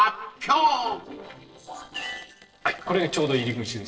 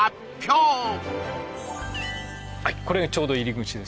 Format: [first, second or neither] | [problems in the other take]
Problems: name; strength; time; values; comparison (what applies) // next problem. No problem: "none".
second | noise reduction (neural separator model SepFormer DNS4)